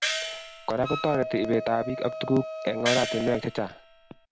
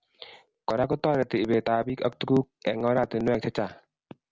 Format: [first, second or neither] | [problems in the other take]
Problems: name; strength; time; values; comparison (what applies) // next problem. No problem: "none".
second | background sound (Gong + Wind instrument, woodwind instrument); 6 dB below the speech